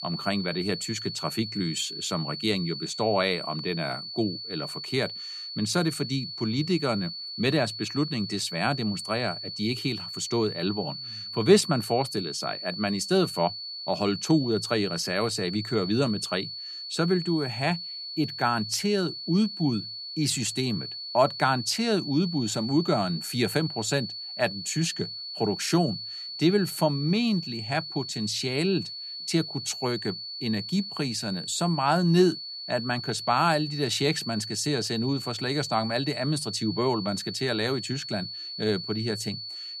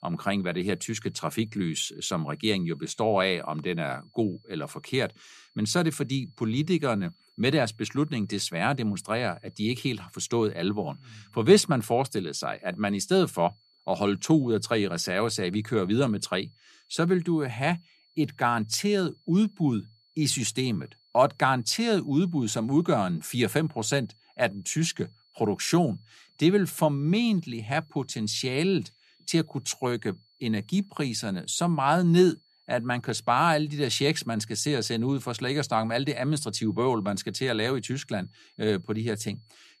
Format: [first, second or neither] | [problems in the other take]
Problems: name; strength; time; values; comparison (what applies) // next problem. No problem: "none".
second | high-pitched whine; loud; throughout; 4.5 kHz, 7 dB below the speech; faint in the second